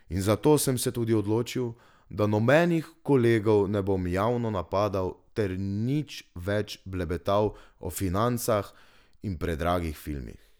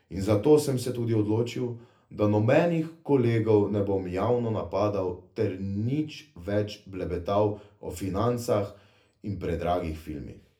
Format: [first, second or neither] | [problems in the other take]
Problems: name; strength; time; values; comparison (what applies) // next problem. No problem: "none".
first | room echo; dies away in 0.3 s